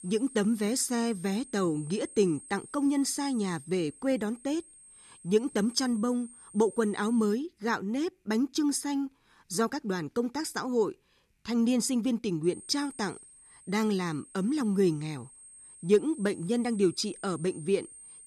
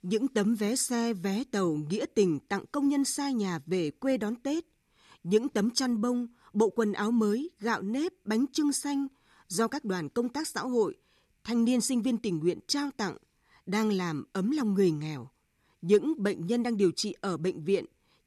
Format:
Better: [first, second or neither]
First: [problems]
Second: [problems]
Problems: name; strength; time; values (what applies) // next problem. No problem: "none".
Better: second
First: high-pitched whine; noticeable; until 7.5 s and from 12 s on; 8.5 kHz, 20 dB below the speech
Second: none